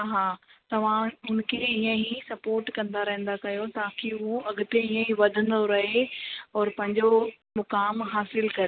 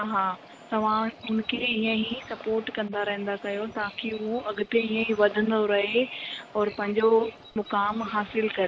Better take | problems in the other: first | background sound (Bird); 20 dB below the speech

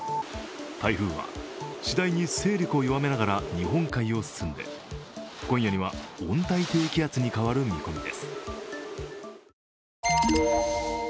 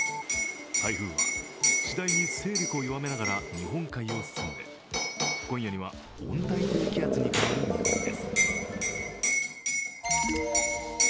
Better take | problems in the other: first | background sound (Animal + Liquid); 4 dB above the speech

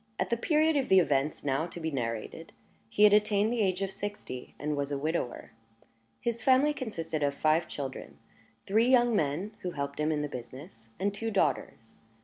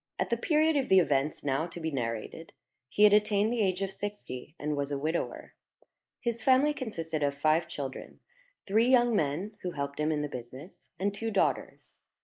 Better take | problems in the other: first | noise reduction (neural mask model Resemble Enhance denoiser)

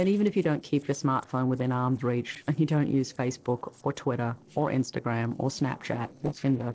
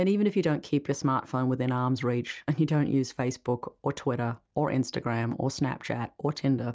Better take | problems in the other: second | noise reduction (neural separator model SepFormer DNS4)

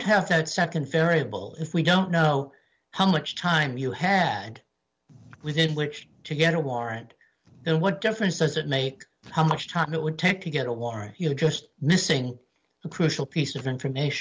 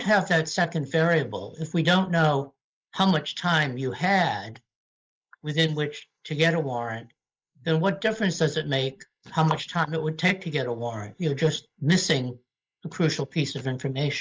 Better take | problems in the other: first | noise reduction (neural mask model Resemble Enhance denoiser)

